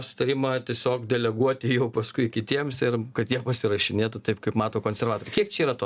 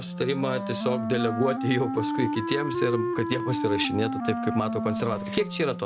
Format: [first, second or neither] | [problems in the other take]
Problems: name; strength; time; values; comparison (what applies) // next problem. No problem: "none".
first | background sound (Wind instrument, woodwind instrument); 2 dB below the speech